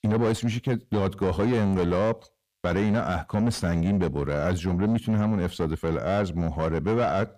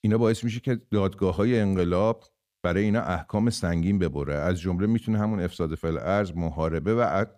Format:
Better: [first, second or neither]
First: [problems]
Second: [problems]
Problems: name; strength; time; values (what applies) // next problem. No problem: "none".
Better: second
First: distortion; slight; 10 dB below the speech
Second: none